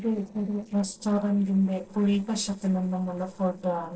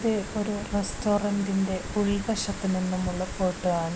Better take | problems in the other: second | noise reduction (neural separator model SepFormer DNS4)

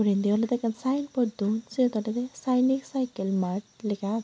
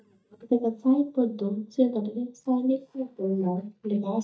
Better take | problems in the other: first | noise reduction (neural mask model DeepFilterNet 3)

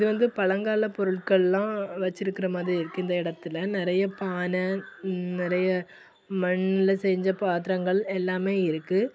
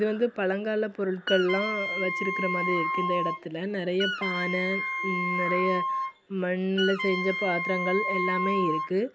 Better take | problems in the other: first | background sound (Wind instrument, woodwind instrument); 2 dB below the speech

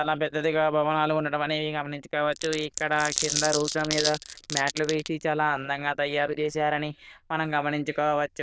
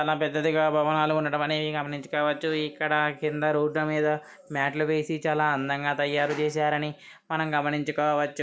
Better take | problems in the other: second | noise reduction (neural diffusion model UNIVERSE++)

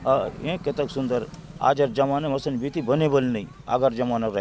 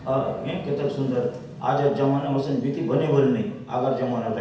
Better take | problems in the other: first | room echo; dies away in 0.8 s

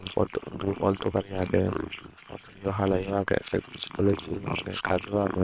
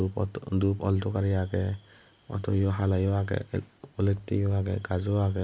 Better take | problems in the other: second | noise reduction (neural separator model SepFormer WHAM!)

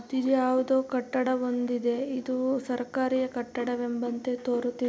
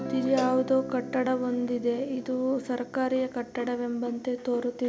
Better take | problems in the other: first | background sound (Cowbell + Guitar); 12 dB below the speech

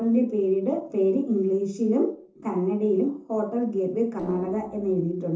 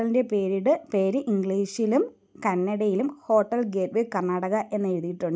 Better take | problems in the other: second | noise reduction (neural separator model SepFormer DNS4)

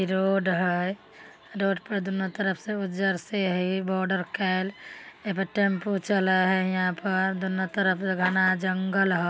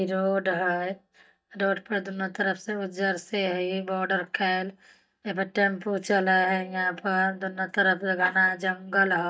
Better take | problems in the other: first | noise reduction (neural mask model DeepFilterNet 3)

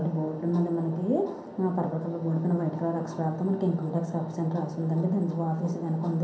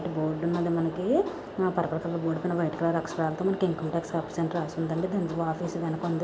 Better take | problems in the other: second | room echo; dies away in 0.6 s

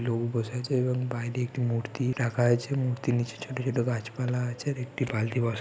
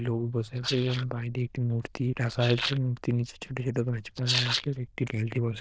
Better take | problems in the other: first | noise reduction (neural diffusion model UNIVERSE++)

